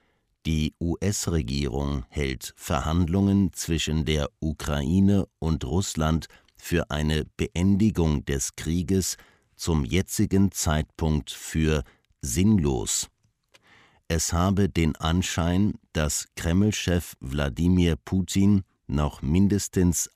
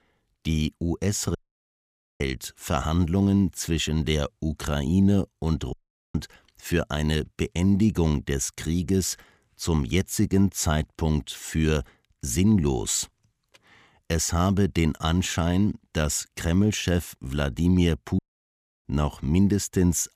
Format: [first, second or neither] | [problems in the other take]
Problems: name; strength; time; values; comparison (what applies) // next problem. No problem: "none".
first | audio cutting out; at 1.5 s for 1 s, at 5.5 s and at 18 s for 0.5 s